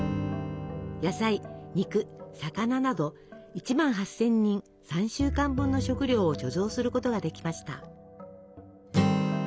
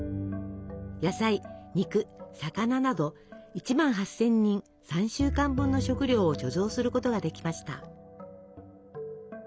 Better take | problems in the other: second | background sound (Acoustic guitar); 7 dB below the speech

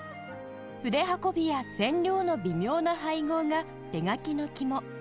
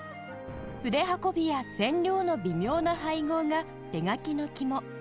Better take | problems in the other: first | background sound (Explosion); 19 dB below the speech

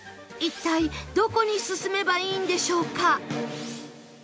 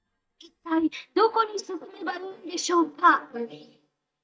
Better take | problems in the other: first | noise reduction (neural mask model DeepFilterNet 3)

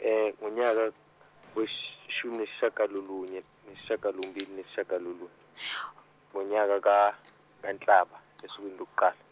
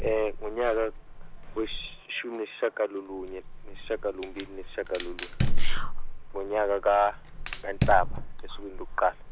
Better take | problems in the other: first | background sound (Fire); 2 dB above the speech

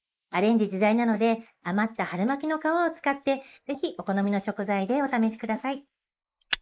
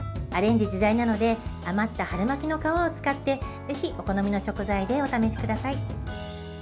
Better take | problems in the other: second | noise reduction (neural mask model Resemble Enhance denoiser)

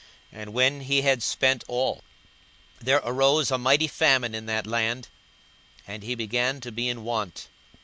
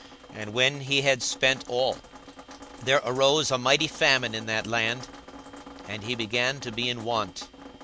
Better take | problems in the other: first | background sound (Drip); 18 dB below the speech

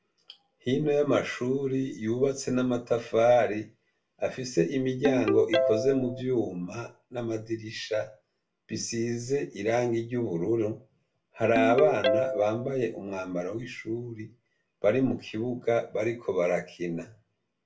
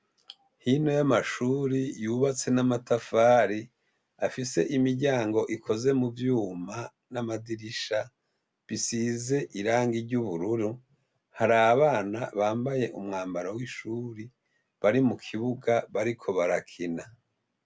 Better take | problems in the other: second | background sound (Ringtone); 8 dB below the speech // room echo; dies away in 0.2 s

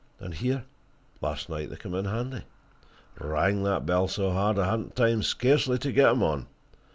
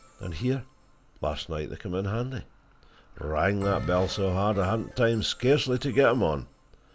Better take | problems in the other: first | background sound (Bell); 18 dB below the speech

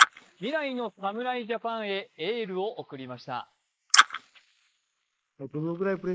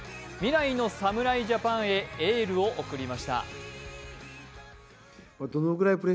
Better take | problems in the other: second | noise reduction (neural mask model Resemble Enhance denoiser)

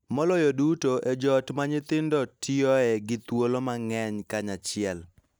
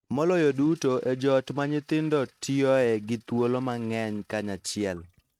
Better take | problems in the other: first | noise reduction (neural mask model RNNoise)

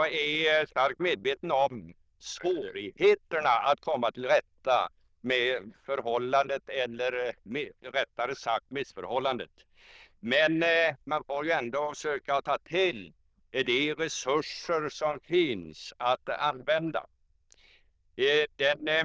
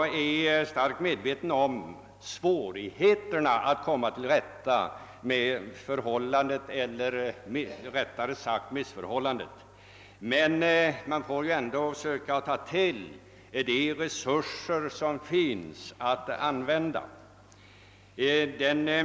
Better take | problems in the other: second | noise reduction (neural diffusion model UNIVERSE++)

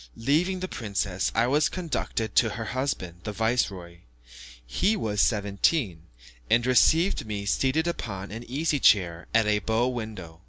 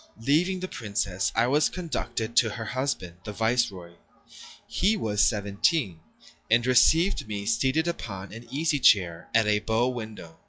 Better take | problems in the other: first | noise reduction (classical method log-MMSE)

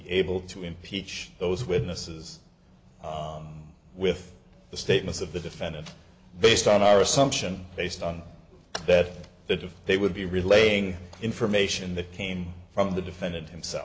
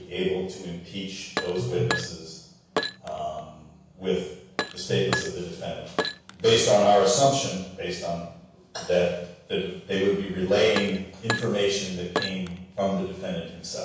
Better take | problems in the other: first | background sound (Glass); 8 dB below the speech // room echo; dies away in 0.7 s

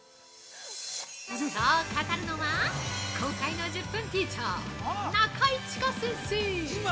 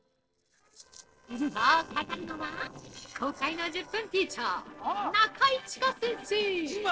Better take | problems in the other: first | noise reduction (neural separator model SepFormer DNS4)

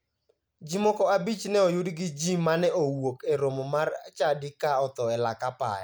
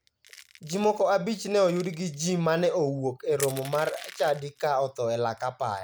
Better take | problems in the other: first | background sound (Crushing); 19 dB below the speech

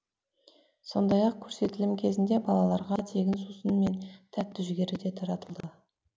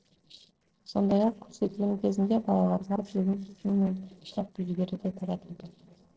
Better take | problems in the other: first | noise reduction (neural separator model SepFormer DNS4)

